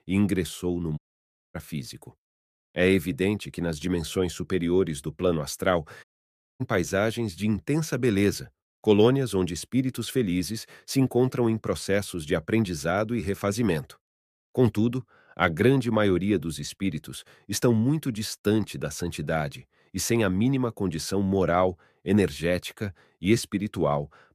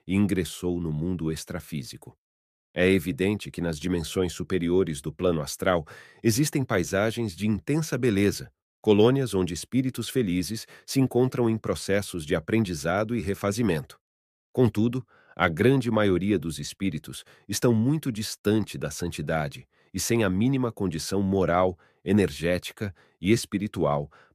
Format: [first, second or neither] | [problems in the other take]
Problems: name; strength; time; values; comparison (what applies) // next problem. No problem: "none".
second | audio cutting out; at 1 s for 0.5 s and at 6 s for 0.5 s